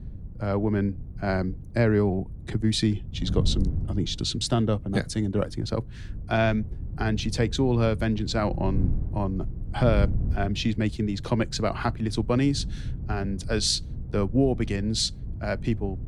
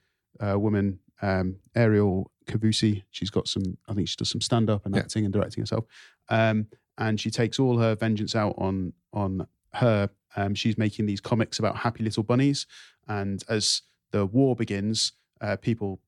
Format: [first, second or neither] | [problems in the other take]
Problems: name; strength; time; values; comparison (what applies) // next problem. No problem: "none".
second | wind noise on the microphone; occasional gusts; 20 dB below the speech